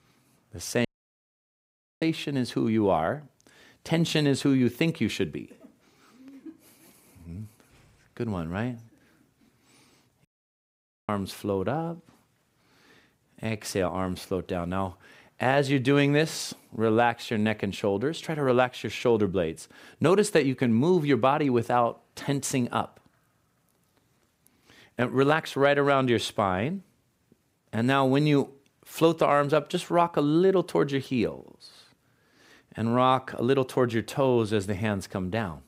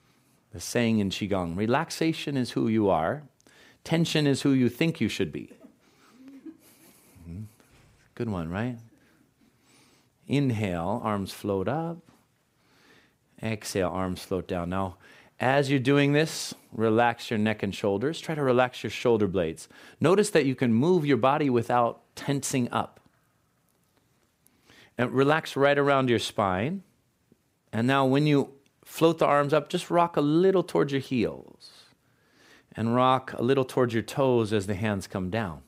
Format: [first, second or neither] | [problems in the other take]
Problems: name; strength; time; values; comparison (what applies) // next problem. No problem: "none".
second | audio cutting out; at 1 s for 1 s and at 10 s for 1 s